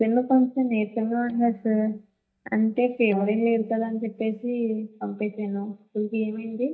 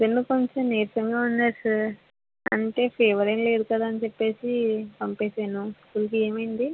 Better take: second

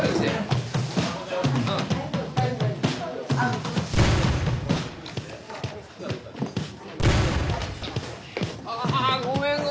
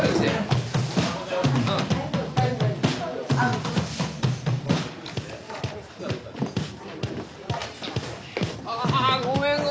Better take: second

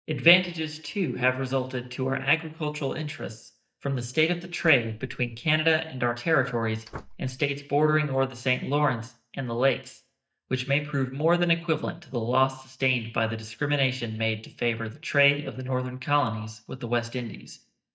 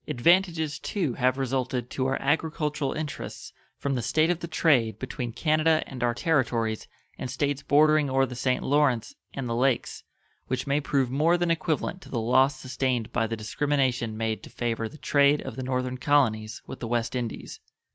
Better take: second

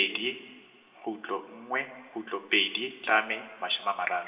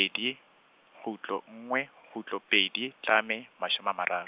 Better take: second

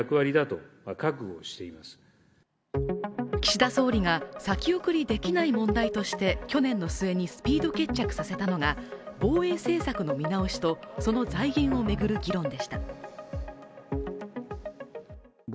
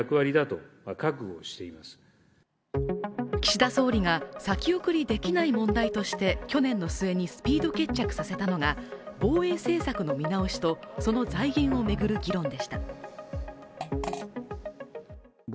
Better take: first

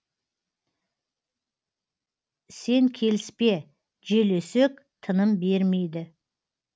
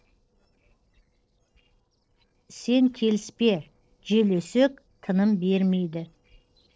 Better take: first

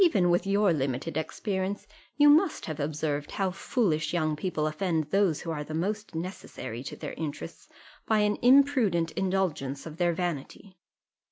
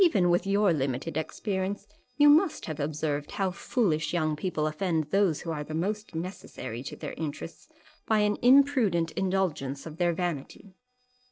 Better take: first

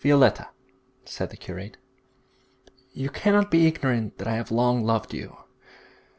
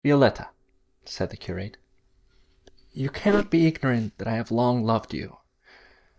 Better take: first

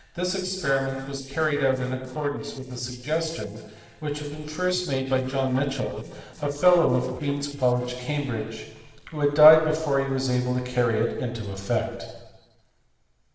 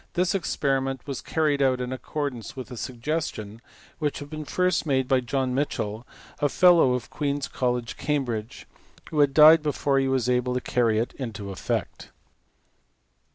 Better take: second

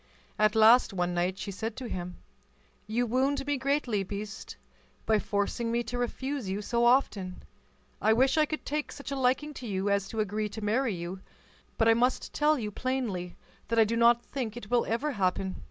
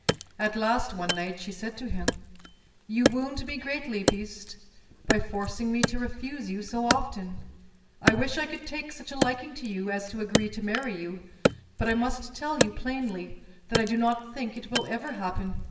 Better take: first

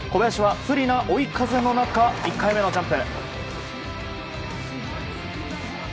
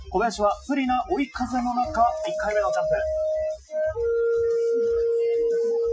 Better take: first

